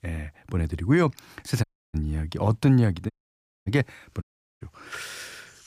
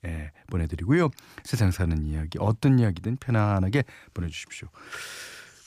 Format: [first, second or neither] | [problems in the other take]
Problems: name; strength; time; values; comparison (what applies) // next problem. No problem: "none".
second | audio cutting out; at 1.5 s, at 3 s for 0.5 s and at 4 s